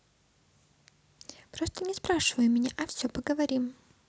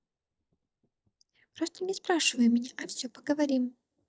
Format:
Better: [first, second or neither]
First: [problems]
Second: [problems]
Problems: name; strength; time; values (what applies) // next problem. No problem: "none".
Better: first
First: none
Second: noise reduction (neural mask model DeepFilterNet 3)